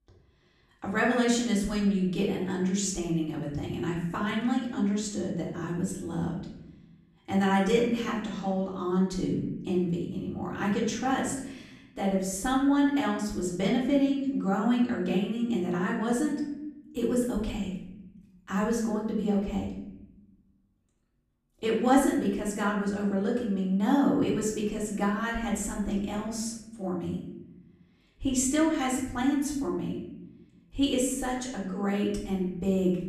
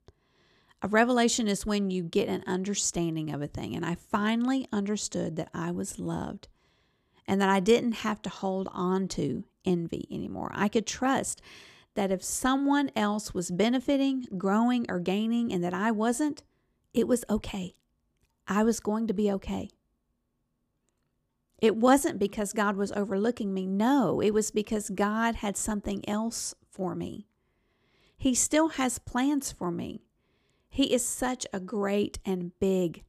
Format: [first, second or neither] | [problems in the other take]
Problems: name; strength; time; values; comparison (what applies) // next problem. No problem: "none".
second | off-mic speech; far // room echo; noticeable; dies away in 0.9 s